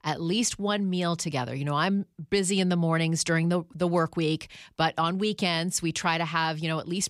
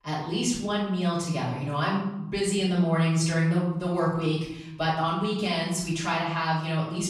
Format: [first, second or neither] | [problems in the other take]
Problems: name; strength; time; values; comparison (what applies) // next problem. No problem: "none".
first | room echo; noticeable; dies away in 0.8 s // off-mic speech; far